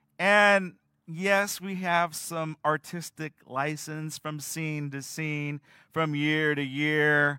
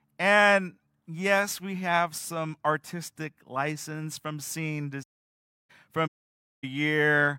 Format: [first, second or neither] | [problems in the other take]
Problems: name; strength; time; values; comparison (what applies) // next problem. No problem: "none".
first | audio cutting out; at 5 s for 0.5 s and at 6 s for 0.5 s